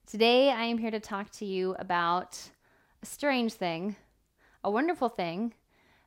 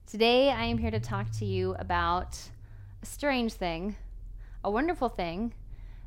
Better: first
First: none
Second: low rumble; faint; throughout; 25 dB below the speech

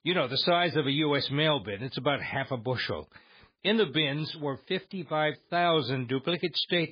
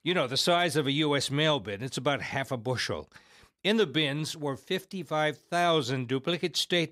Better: second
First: garbled, watery; badly; nothing above 4 kHz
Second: none

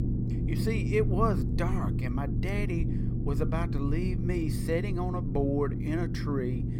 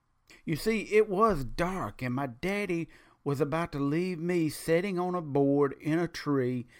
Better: second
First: low rumble; loud; throughout; 6 dB below the speech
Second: none

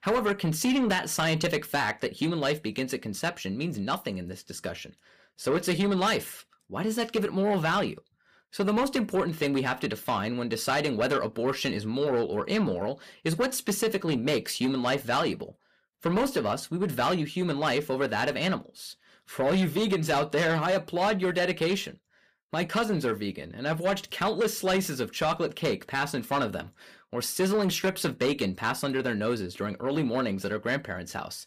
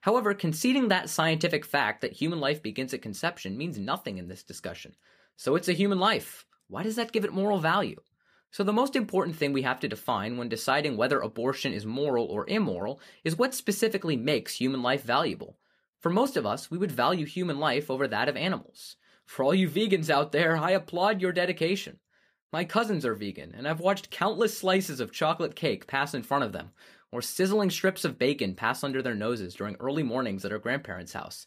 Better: second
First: distortion; slight; 10 dB below the speech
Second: none

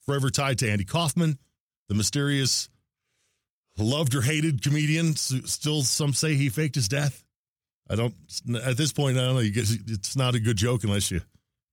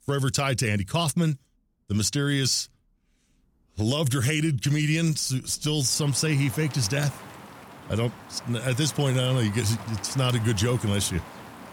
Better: first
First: none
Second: rain or running water; noticeable; throughout; 15 dB below the speech

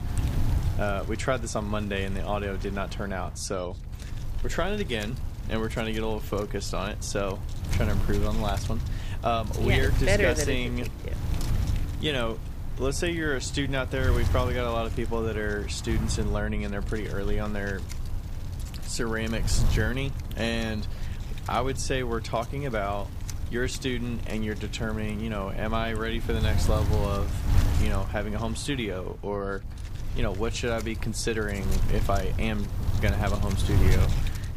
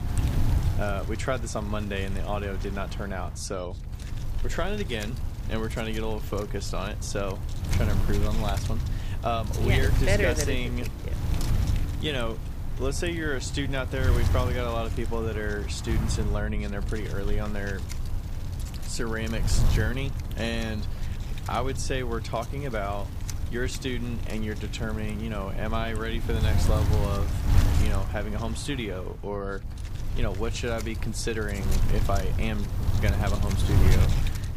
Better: first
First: wind noise on the microphone; occasional gusts; 10 dB below the speech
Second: wind noise on the microphone; heavy; 8 dB below the speech

